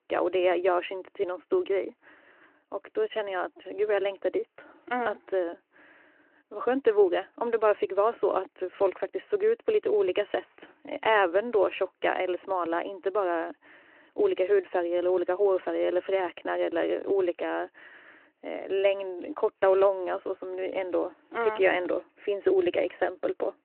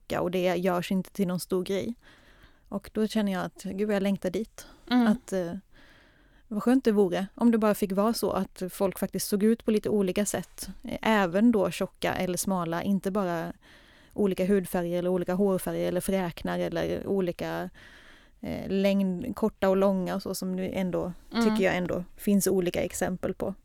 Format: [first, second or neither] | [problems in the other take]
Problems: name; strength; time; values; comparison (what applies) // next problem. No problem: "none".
second | phone-call audio